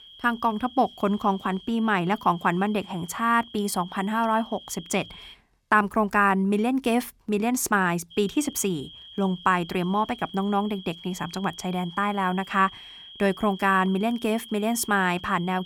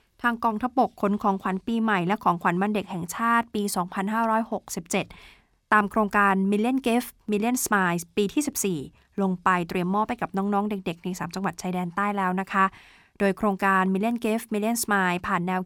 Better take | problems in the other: second | high-pitched whine; noticeable; until 5.5 s and from 8 s on; 3.5 kHz, 20 dB below the speech

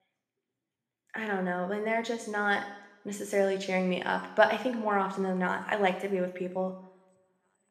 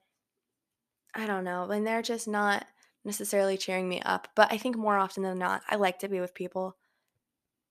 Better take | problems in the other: second | room echo; slight; dies away in 0.9 s

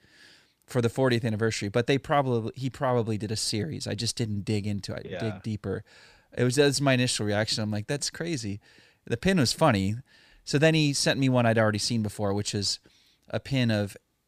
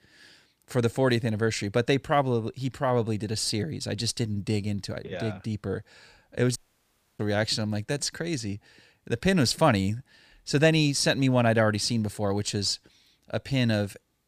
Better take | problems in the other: first | audio cutting out; at 6.5 s for 0.5 s

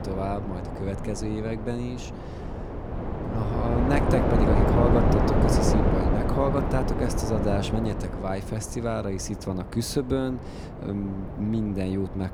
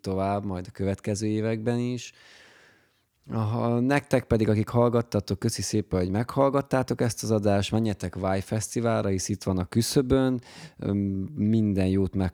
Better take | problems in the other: second | wind noise on the microphone; heavy; 2 dB above the speech

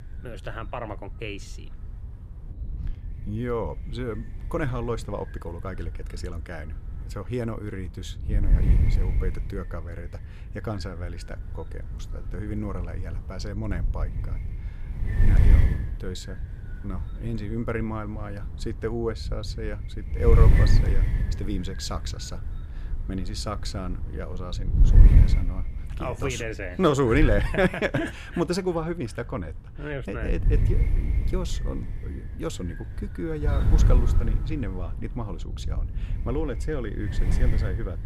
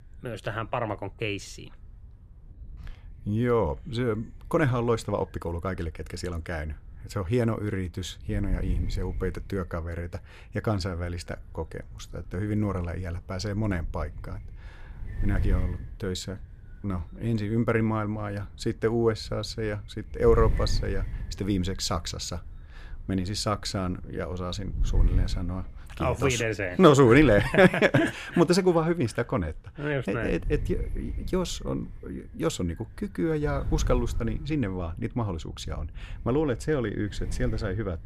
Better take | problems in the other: second | wind noise on the microphone; heavy; 9 dB below the speech; occasional gusts in the second

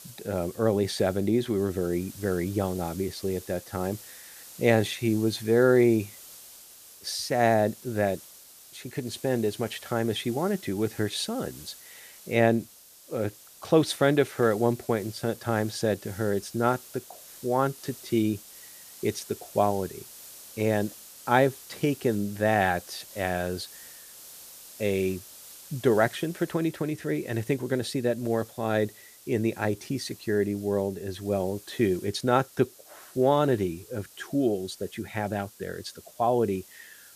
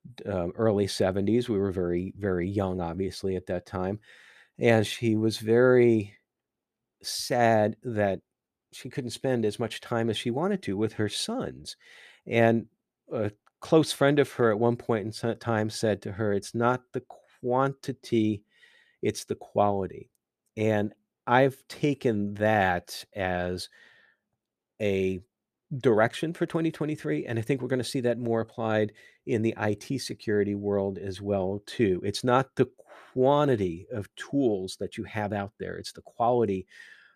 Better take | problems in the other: second | hiss; noticeable; throughout; 20 dB below the speech

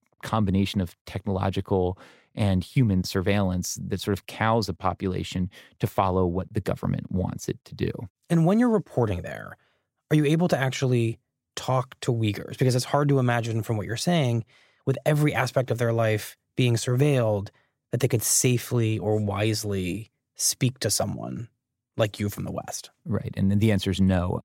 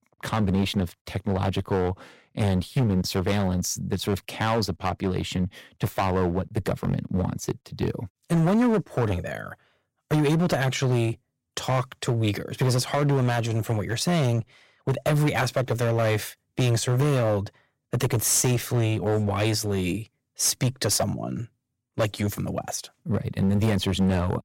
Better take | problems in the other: first | distortion; slight; 10% of the sound clipped

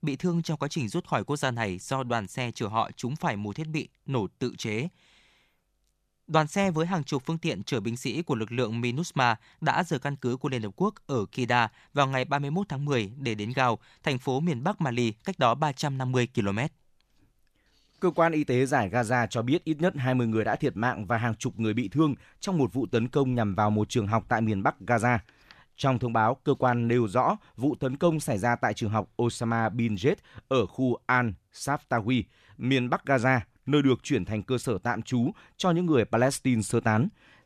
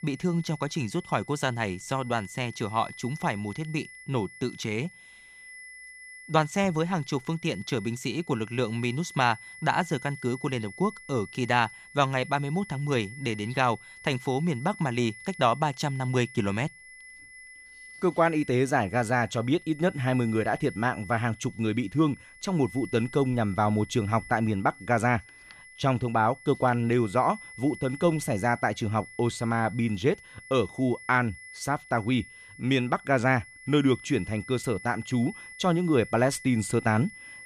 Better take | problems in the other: first | high-pitched whine; noticeable; throughout; 2 kHz, 15 dB below the speech

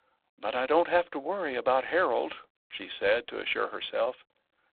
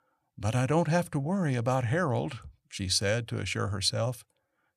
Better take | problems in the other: second | phone-call audio; poor line

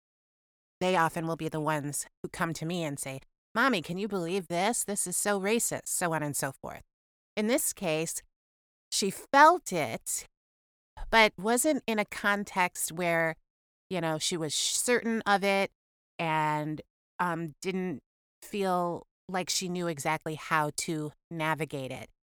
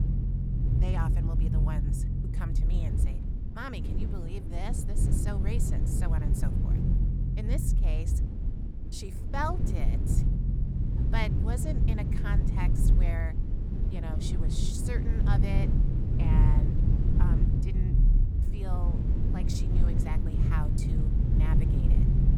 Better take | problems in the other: first | low rumble; loud; throughout; 1 dB below the speech

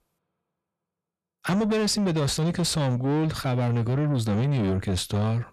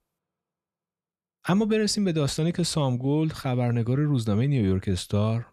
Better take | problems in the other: second | distortion; slight; 10 dB below the speech

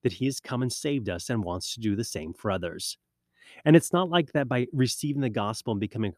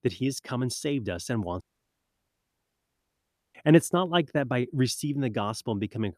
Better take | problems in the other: first | audio cutting out; at 1.5 s for 2 s

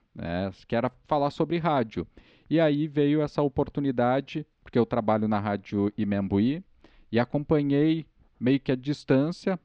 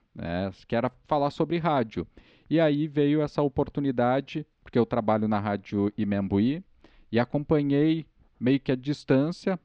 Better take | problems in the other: neither | muffled; very slightly; fading above 4 kHz; the same in both

